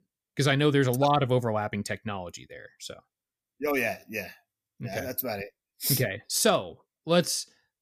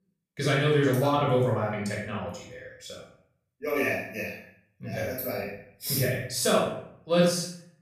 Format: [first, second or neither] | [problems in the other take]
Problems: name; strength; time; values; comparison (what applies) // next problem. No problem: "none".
first | off-mic speech; far // room echo; noticeable; dies away in 0.6 s